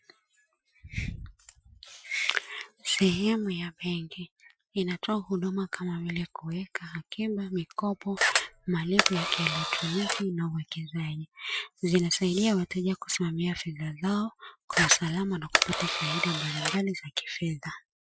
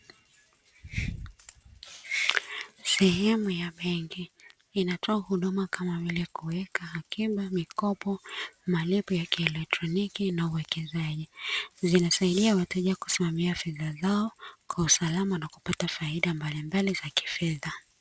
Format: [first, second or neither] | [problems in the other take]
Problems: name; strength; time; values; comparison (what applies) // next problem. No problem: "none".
second | noise reduction (classical method Wiener filter)